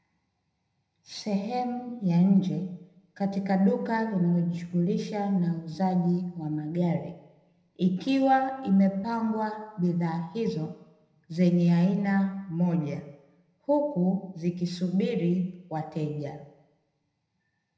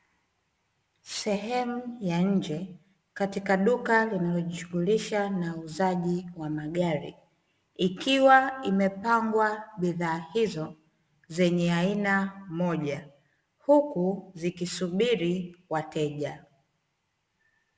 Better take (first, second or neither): second